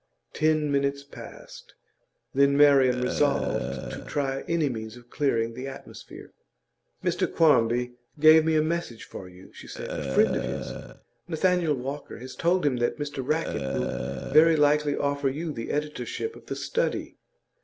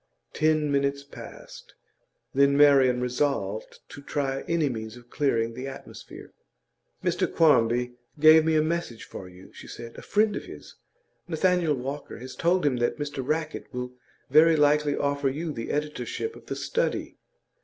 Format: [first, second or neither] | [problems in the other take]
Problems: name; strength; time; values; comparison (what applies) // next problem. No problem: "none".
second | background sound (Burping, eructation); 8 dB below the speech